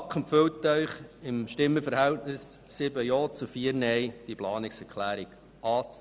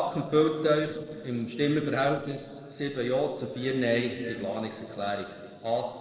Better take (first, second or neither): first